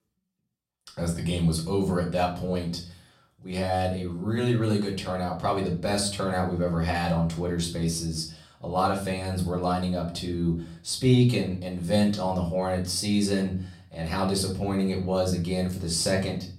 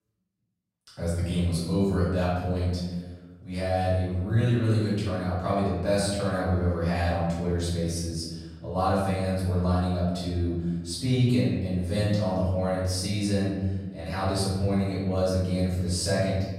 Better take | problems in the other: first | room echo; strong; dies away in 1.2 s; slight in the first // off-mic speech; far; far in the first

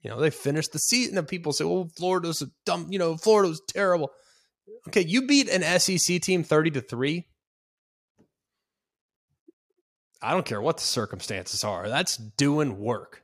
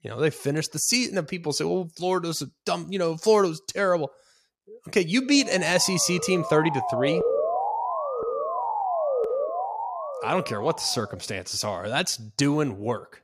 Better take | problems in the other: first | siren; loud; from 5.5 to 11 s; peak 1 dB above the speech

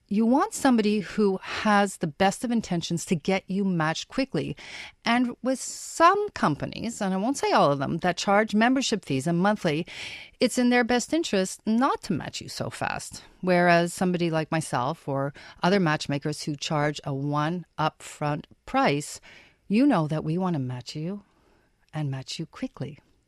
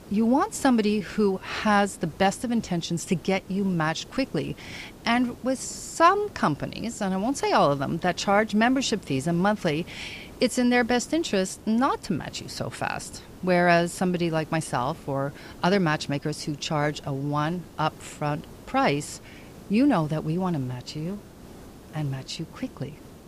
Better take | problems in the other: first | hiss; faint; throughout; 20 dB below the speech

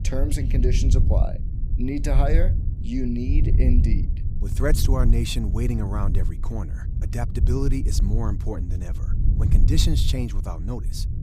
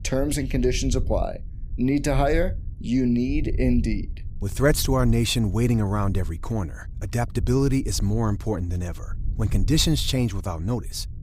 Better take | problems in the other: second | low rumble; loud; throughout; 9 dB below the speech; faint in the second

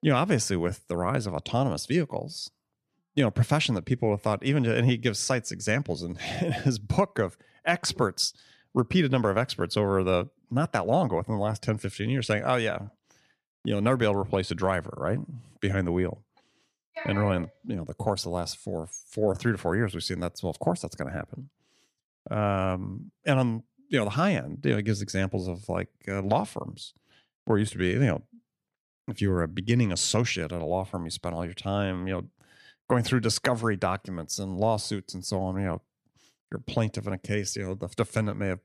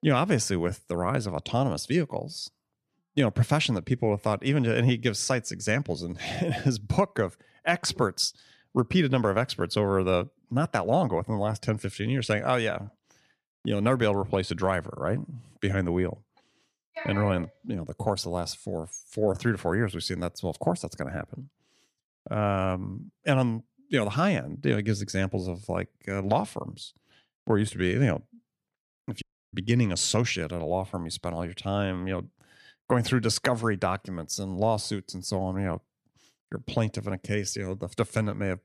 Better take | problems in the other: first | audio cutting out; at 29 s

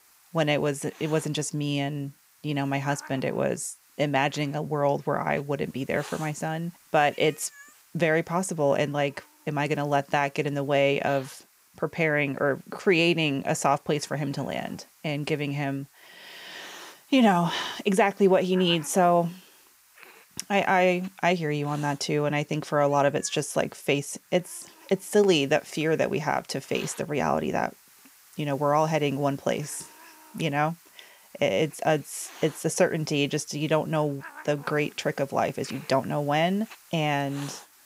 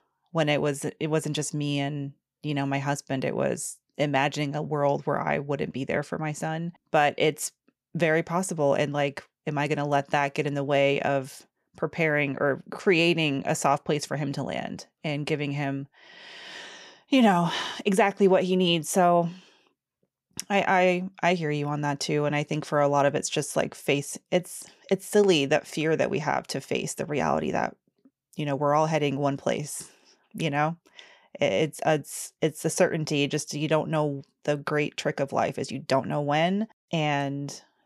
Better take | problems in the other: second | hiss; faint; throughout; 25 dB below the speech

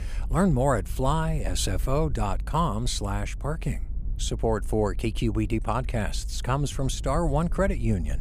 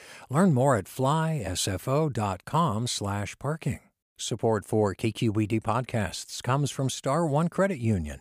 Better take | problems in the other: second | low rumble; faint; throughout; 25 dB below the speech

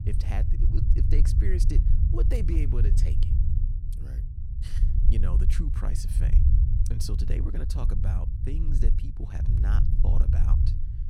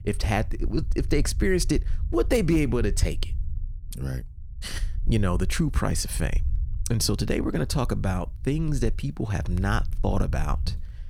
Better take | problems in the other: second | low rumble; loud; throughout; 1 dB below the speech; faint in the second

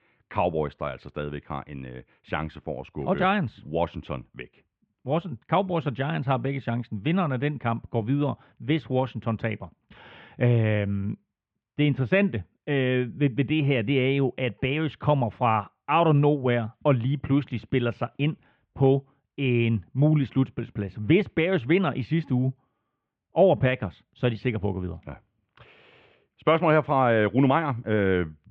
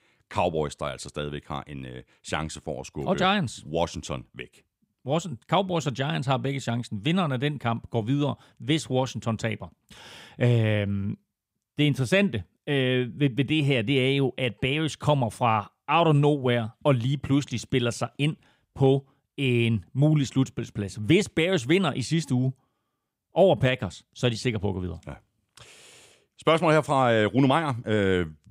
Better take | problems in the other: second | muffled; very; fading above 2.5 kHz

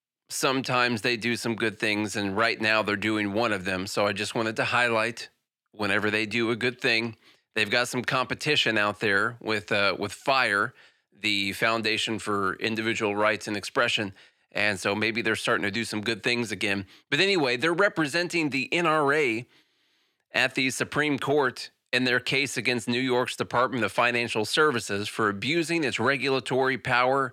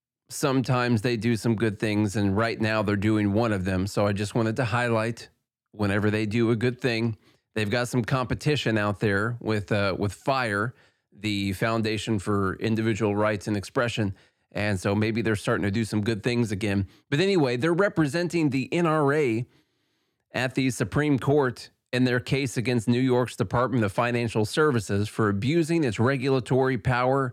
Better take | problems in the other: second | thin; somewhat; fading below 450 Hz

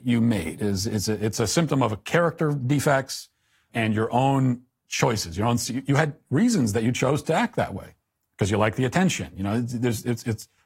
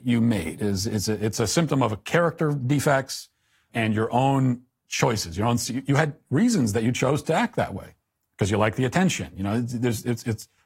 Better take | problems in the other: neither | garbled, watery; slightly; nothing above 15.5 kHz; the same in both

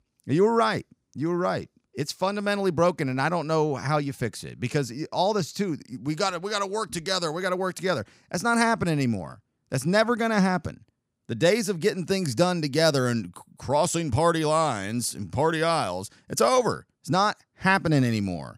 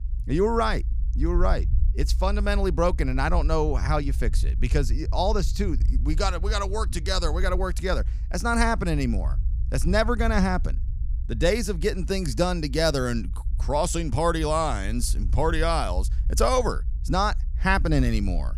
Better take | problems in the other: first | low rumble; faint; throughout; 25 dB below the speech

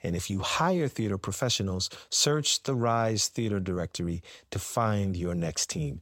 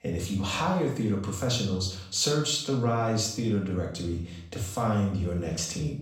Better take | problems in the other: first | off-mic speech; far // room echo; noticeable; dies away in 0.6 s

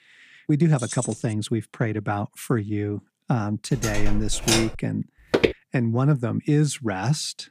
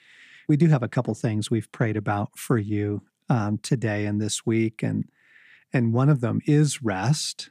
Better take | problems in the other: second | jangling keys; noticeable; at 1 s; peak 7 dB below the speech // door banging; loud; at 4 s; peak 2 dB above the speech // footsteps; loud; at 5.5 s; peak 2 dB above the speech

